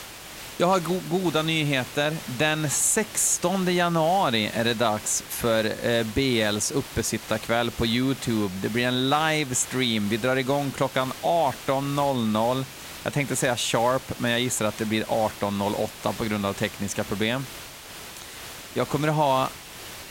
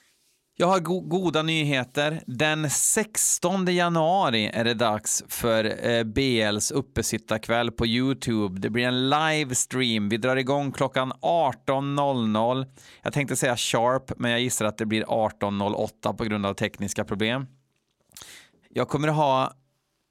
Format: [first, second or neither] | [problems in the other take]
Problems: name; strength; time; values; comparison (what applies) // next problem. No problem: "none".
second | hiss; noticeable; throughout; 15 dB below the speech